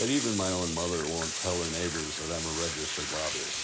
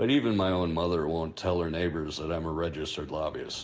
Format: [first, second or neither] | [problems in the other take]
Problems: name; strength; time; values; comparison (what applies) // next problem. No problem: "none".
second | background sound (Bathtub (filling or washing)); 2 dB below the speech